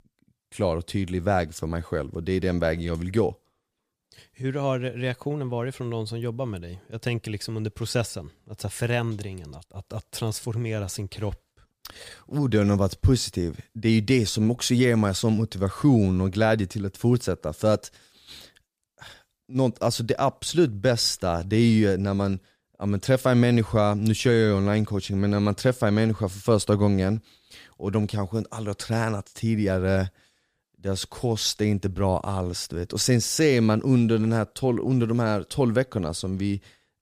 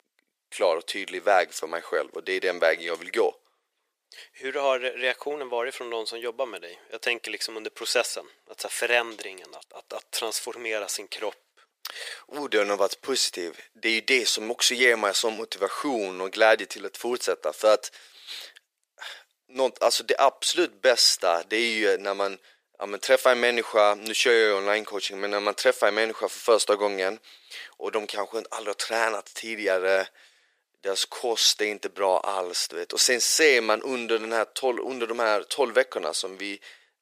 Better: first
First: none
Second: thin; very; fading below 450 Hz

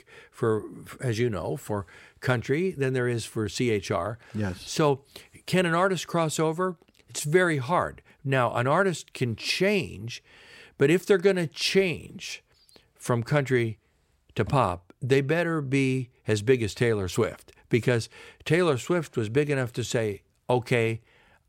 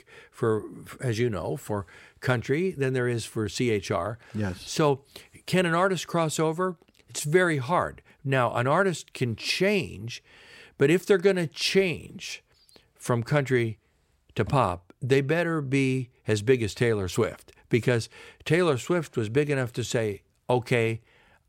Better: neither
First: none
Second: none

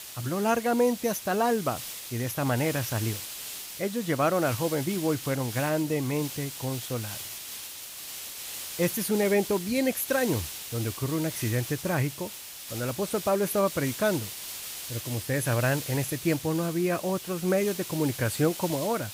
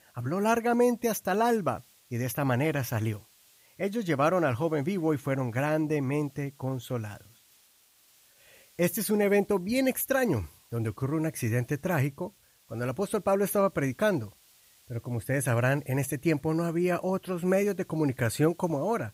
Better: second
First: hiss; loud; throughout; 8 dB below the speech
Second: hiss; faint; throughout; 30 dB below the speech

